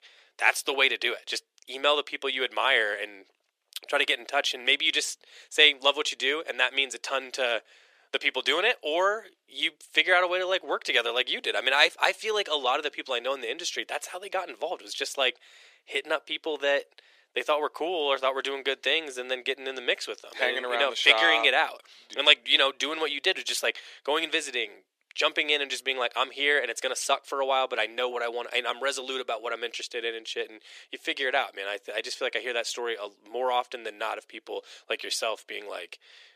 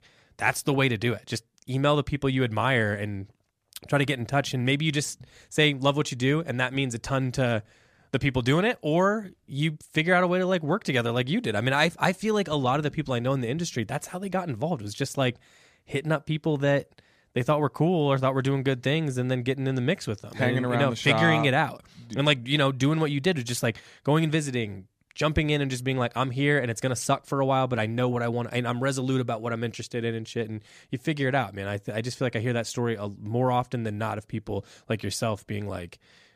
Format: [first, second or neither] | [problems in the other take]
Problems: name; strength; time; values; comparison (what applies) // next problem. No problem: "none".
second | thin; very; fading below 400 Hz